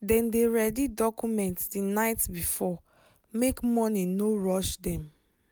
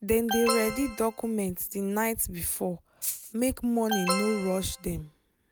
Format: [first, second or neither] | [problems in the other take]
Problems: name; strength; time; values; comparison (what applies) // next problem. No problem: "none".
first | background sound (Alarm + Rattle (instrument)); 5 dB below the speech